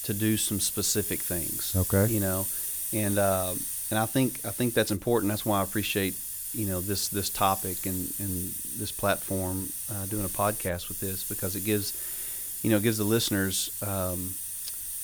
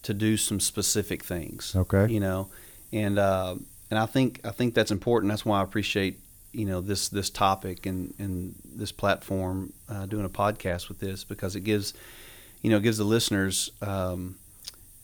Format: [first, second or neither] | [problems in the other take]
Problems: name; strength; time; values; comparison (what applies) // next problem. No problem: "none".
second | hiss; loud; throughout; 2 dB below the speech; faint in the second